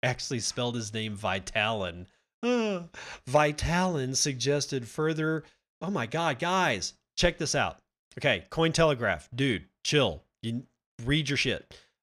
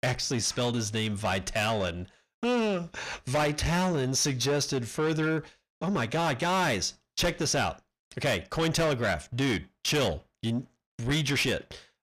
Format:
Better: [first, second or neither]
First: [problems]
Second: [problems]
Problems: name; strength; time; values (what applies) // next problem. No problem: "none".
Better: first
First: none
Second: distortion; heavy; 7 dB below the speech